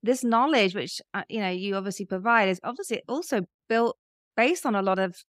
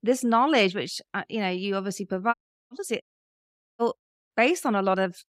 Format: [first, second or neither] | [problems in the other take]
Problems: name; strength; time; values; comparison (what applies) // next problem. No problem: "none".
first | audio cutting out; at 2.5 s and at 3 s for 1 s